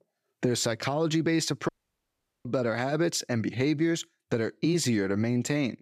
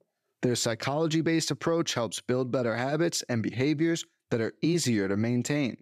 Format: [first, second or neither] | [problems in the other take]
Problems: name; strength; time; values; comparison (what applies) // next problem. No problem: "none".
second | audio cutting out; at 1.5 s for 1 s